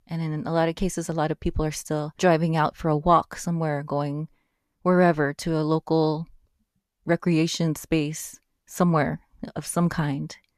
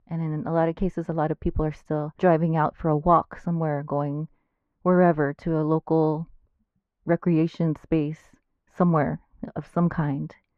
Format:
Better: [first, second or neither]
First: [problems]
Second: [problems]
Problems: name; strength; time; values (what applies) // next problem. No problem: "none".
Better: first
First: none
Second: muffled; very; fading above 4 kHz